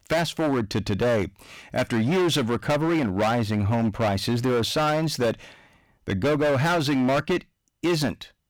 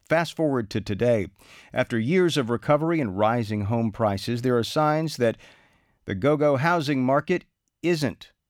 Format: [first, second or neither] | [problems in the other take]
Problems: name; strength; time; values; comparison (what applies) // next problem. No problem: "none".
second | distortion; heavy; 20% of the sound clipped